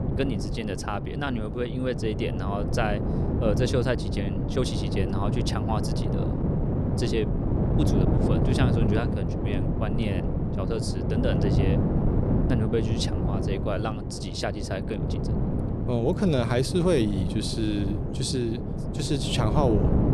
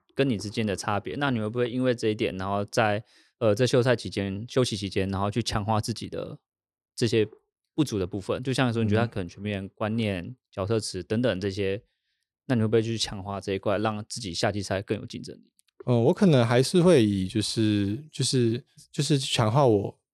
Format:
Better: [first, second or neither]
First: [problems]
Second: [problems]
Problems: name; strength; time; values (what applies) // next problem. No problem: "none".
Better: second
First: wind noise on the microphone; heavy; 3 dB below the speech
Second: none